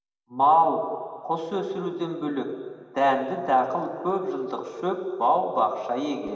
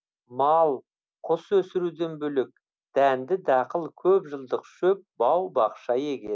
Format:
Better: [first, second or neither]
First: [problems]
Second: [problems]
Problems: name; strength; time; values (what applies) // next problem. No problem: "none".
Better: second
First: room echo; dies away in 2.9 s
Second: none